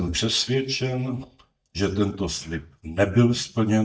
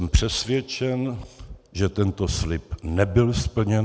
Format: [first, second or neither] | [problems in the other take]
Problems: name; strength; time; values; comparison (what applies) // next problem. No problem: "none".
second | noise reduction (neural mask model DeepFilterNet 3)